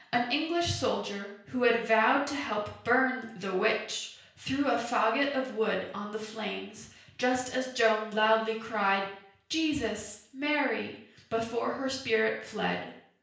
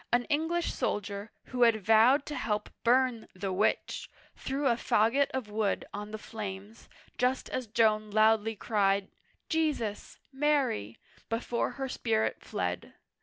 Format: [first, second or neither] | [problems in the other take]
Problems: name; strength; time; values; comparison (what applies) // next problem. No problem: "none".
second | room echo; dies away in 0.5 s